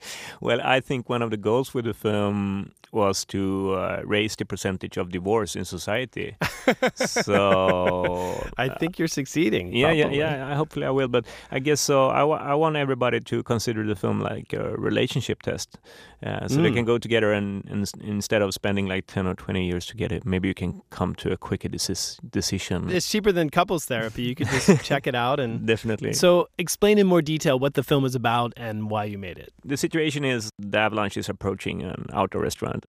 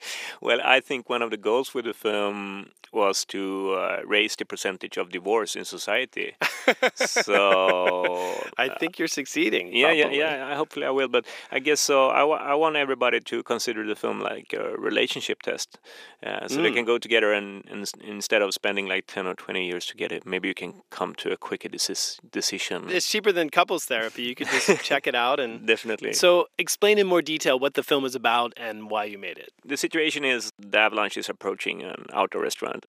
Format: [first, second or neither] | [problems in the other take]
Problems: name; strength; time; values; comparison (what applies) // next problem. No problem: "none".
first | thin; somewhat; fading below 300 Hz